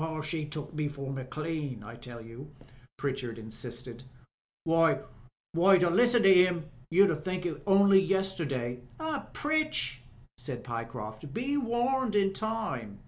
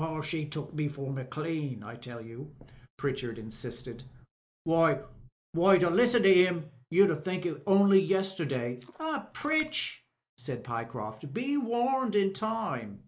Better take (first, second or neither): first